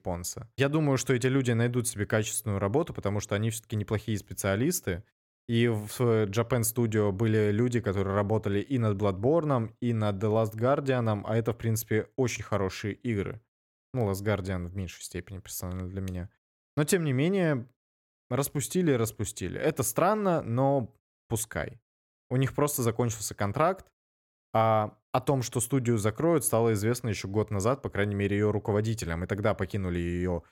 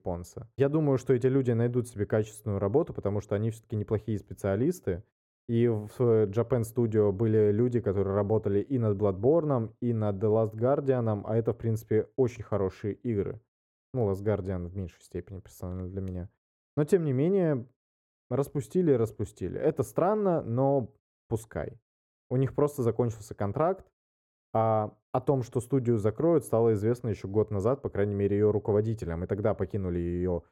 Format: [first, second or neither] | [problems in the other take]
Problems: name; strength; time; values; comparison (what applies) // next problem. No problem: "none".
first | muffled; slightly; fading above 1.5 kHz